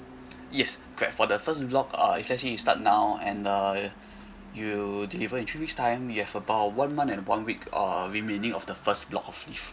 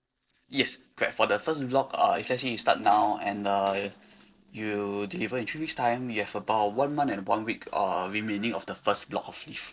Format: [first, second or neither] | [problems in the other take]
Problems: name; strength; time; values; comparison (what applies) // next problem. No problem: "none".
first | noise reduction (neural separator model SepFormer DNS4)